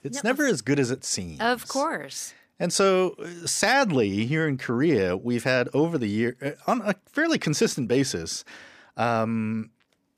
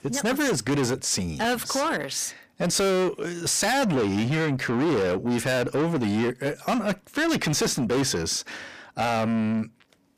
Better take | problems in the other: first | distortion; heavy; 6 dB below the speech

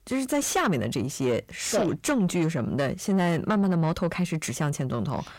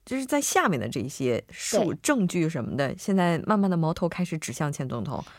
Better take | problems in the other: second | distortion; slight; 10 dB below the speech

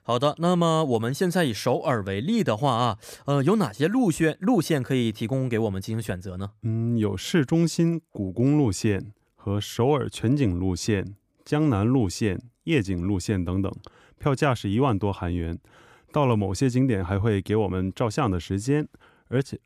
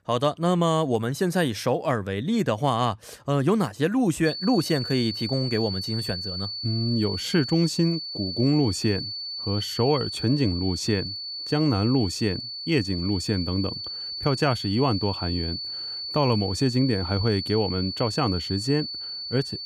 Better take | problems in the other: first | high-pitched whine; loud; from 4.5 s on; 4.5 kHz, 6 dB below the speech

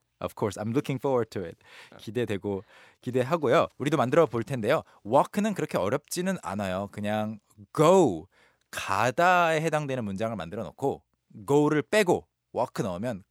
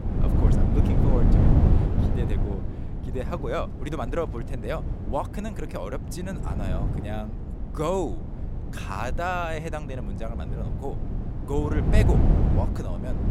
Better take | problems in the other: first | wind noise on the microphone; heavy; 4 dB below the speech

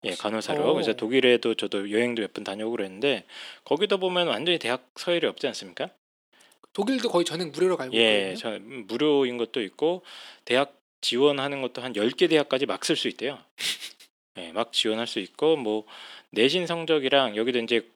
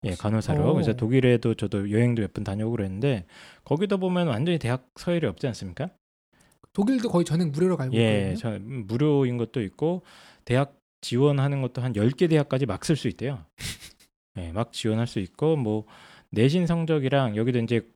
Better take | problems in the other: second | thin; somewhat; fading below 300 Hz

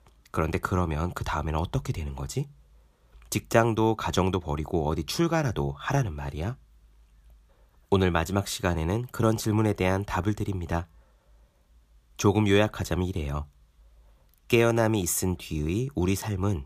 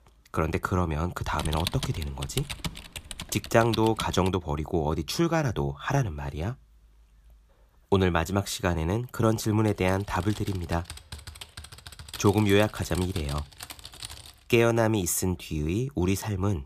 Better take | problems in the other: first | keyboard typing; noticeable; from 1.5 to 4.5 s; peak 5 dB below the speech // keyboard typing; faint; from 9.5 to 14 s; peak 10 dB below the speech

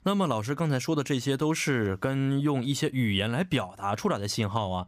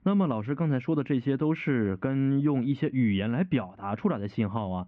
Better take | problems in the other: first | muffled; very; fading above 2.5 kHz

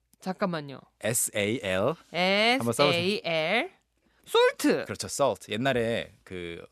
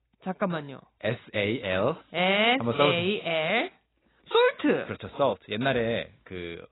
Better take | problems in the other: first | garbled, watery; badly; nothing above 4 kHz

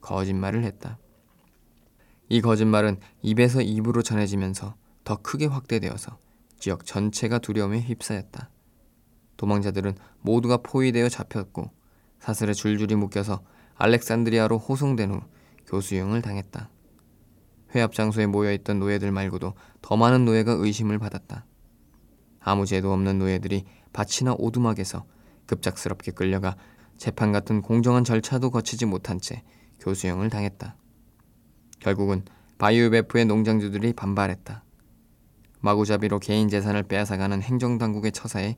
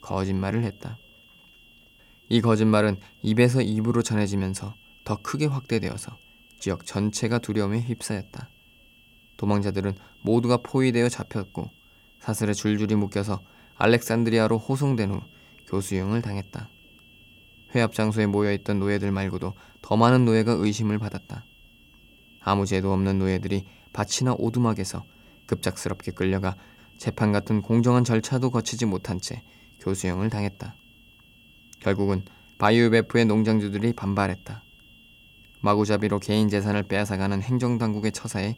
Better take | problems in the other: first | high-pitched whine; faint; throughout; 3 kHz, 30 dB below the speech

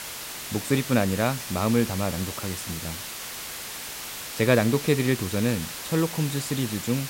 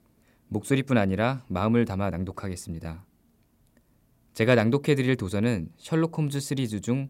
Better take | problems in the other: second | hiss; loud; throughout; 7 dB below the speech

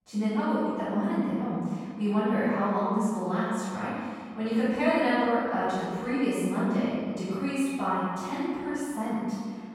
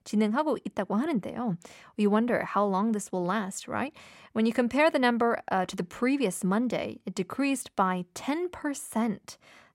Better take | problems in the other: second | off-mic speech; far // room echo; strong; dies away in 1.6 s

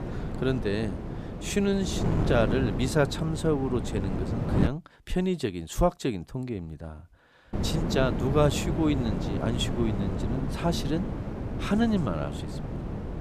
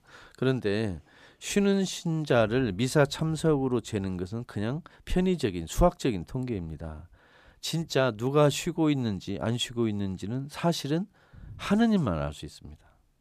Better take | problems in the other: second | wind noise on the microphone; heavy; until 4.5 s and from 7.5 s on; 6 dB below the speech

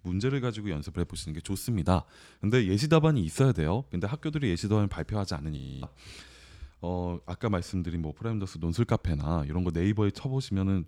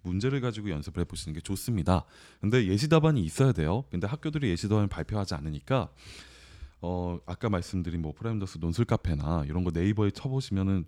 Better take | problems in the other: second | audio freezing; at 5.5 s

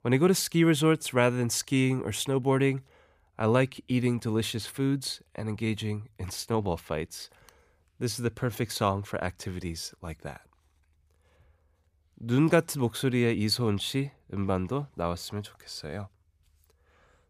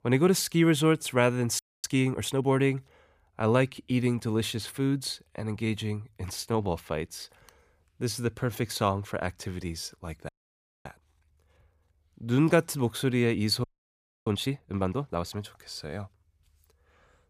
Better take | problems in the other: first | audio freezing; at 1.5 s, at 10 s for 0.5 s and at 14 s for 0.5 s

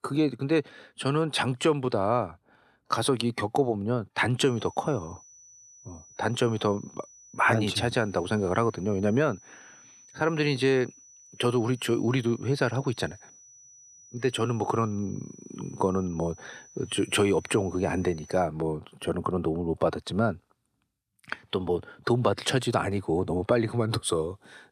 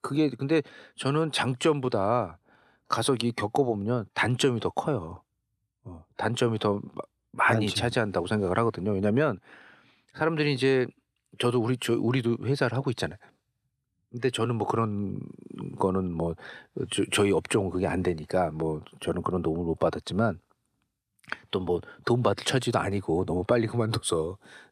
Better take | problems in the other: second | high-pitched whine; faint; from 4.5 to 18 s; 6 kHz, 25 dB below the speech

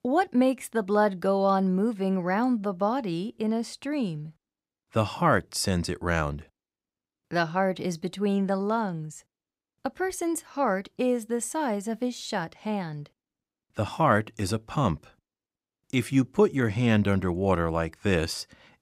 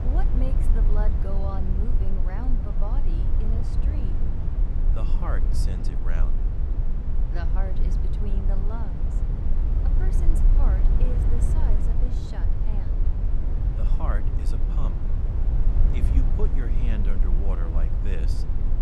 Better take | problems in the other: first | low rumble; loud; throughout; 1 dB below the speech

